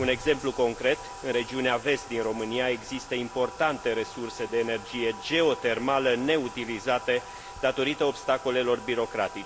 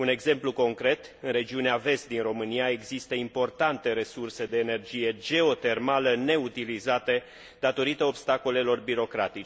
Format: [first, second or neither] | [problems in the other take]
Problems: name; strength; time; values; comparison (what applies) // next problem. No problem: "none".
second | background sound (Bathtub (filling or washing)); 15 dB below the speech